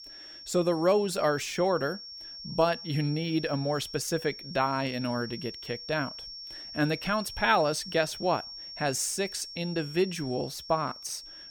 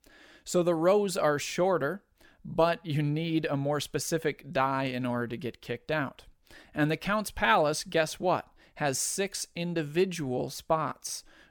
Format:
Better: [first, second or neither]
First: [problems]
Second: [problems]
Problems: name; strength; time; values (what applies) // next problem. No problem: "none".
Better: second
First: high-pitched whine; noticeable; throughout; 5.5 kHz, 10 dB below the speech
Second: none